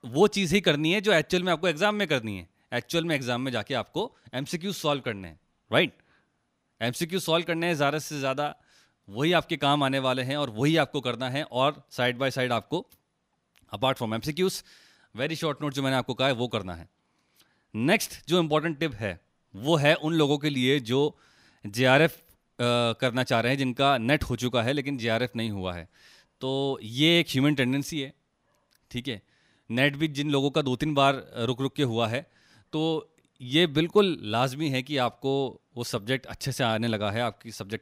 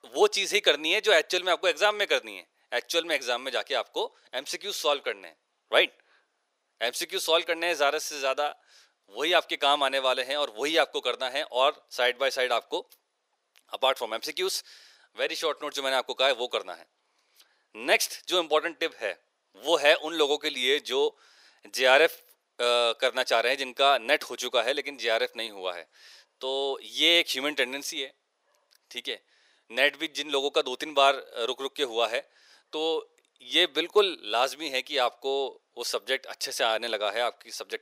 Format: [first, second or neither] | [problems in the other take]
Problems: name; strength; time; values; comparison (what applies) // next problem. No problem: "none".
first | thin; very; fading below 450 Hz